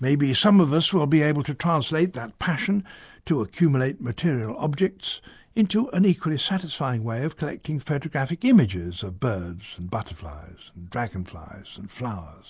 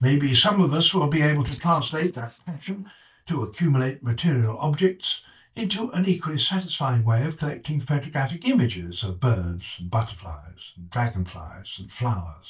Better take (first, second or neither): first